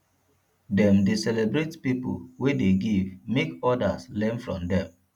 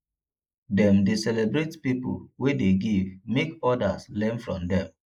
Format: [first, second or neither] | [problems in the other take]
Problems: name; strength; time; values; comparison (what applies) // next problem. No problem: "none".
first | noise reduction (neural mask model Resemble Enhance denoiser)